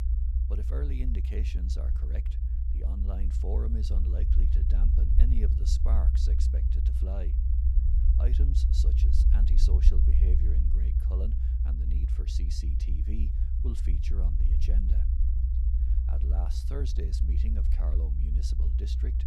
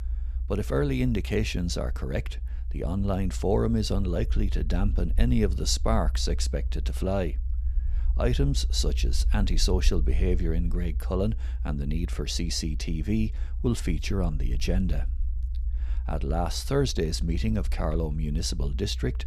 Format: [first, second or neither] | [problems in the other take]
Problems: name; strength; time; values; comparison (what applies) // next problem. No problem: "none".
second | low rumble; loud; throughout; as loud as the speech; faint in the second